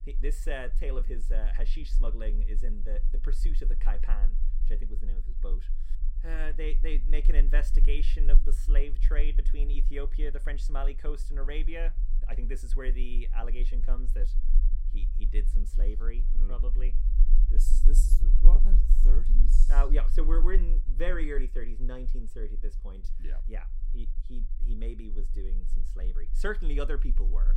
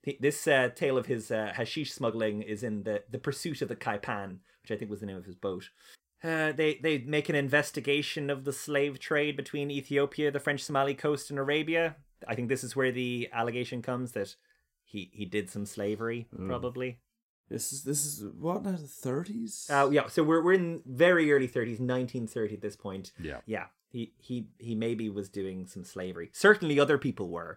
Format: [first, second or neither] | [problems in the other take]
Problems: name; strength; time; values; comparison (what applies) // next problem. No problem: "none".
second | low rumble; noticeable; throughout; 15 dB below the speech